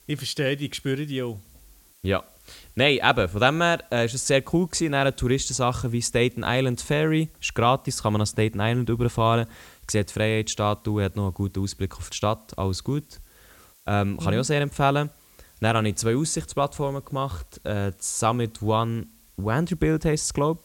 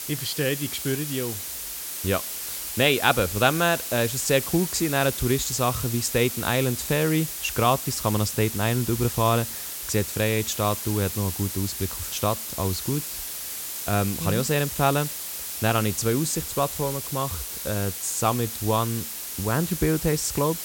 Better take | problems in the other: first | hiss; loud; throughout; 5 dB below the speech; faint in the first

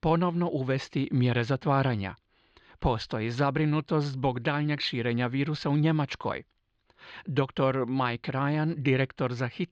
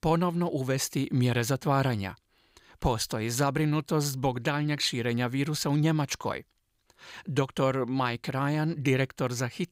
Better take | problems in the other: second | muffled; slightly; fading above 4 kHz

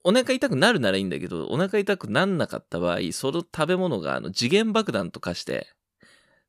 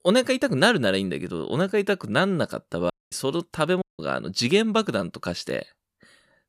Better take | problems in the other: first | audio cutting out; at 3 s and at 4 s

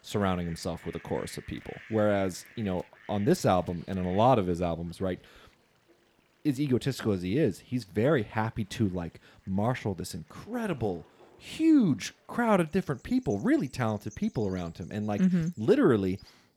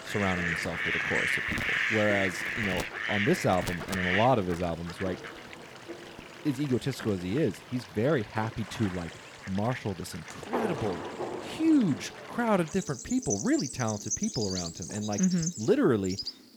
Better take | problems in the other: first | animal sounds; loud; throughout; 3 dB below the speech; faint in the first

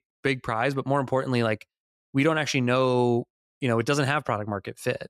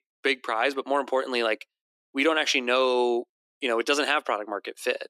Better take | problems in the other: first | thin; somewhat; fading below 300 Hz

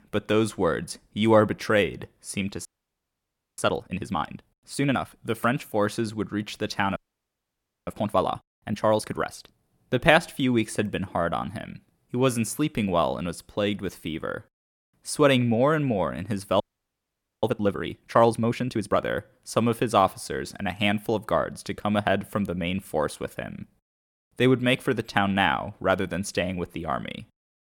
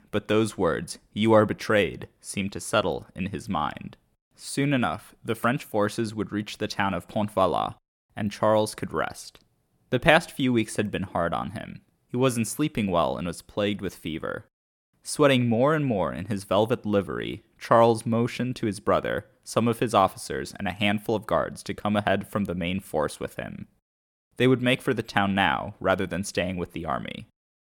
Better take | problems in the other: second | audio freezing; at 2.5 s for 1 s, at 7 s for 1 s and at 17 s for 1 s

